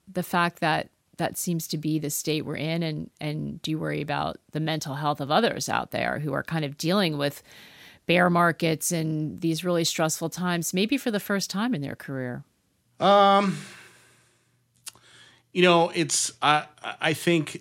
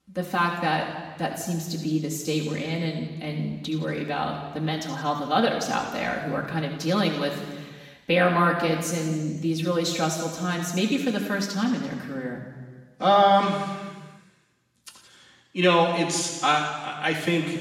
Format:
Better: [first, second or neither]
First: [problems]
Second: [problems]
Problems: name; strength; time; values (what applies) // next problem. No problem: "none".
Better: first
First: none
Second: room echo; noticeable; dies away in 1.5 s // off-mic speech; far